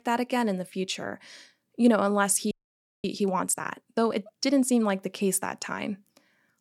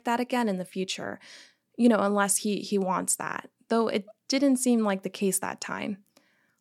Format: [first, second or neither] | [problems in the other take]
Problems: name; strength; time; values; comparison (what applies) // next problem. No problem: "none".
second | audio freezing; at 2.5 s for 0.5 s